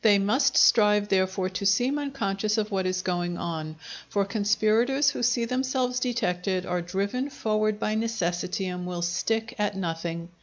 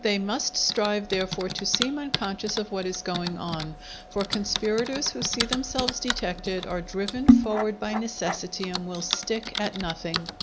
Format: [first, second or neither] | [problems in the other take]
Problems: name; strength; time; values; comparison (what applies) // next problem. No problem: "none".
first | background sound (Typing); 1 dB below the speech